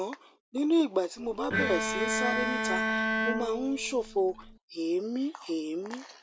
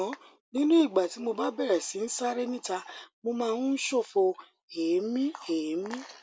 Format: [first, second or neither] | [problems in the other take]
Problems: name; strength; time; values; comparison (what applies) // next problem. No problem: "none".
second | background sound (Bowed string instrument); as loud as the speech